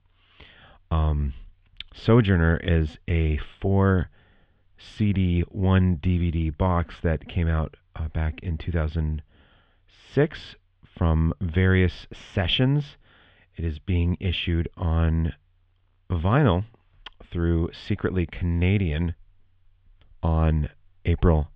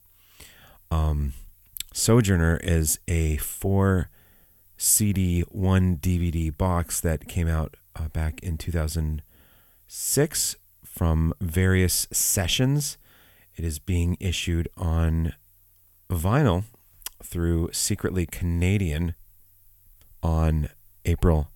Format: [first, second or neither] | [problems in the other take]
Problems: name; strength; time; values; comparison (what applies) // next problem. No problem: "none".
second | muffled; very; fading above 3.5 kHz